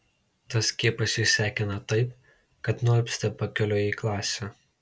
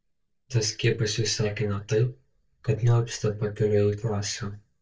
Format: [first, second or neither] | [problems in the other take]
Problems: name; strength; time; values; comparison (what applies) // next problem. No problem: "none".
first | noise reduction (neural mask model DeepFilterNet 3)